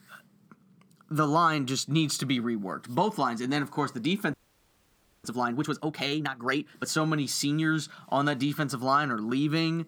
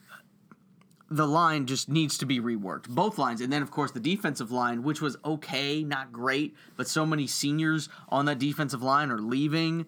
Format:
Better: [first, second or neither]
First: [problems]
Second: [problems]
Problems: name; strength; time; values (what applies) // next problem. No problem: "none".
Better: second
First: audio freezing; at 4.5 s for 1 s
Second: none